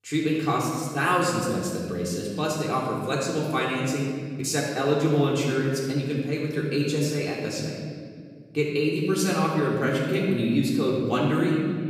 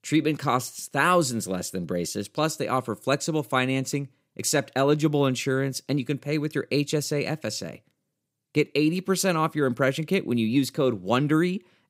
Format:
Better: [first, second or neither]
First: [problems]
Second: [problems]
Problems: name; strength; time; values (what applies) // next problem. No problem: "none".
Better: second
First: off-mic speech; far // room echo; noticeable; dies away in 1.8 s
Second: none